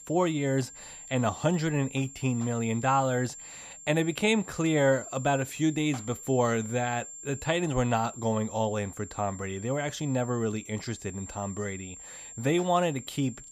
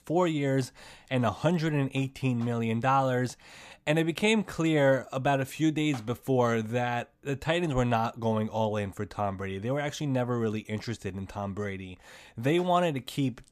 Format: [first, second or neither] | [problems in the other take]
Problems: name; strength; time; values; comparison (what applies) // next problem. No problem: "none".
second | high-pitched whine; noticeable; throughout; 7.5 kHz, 15 dB below the speech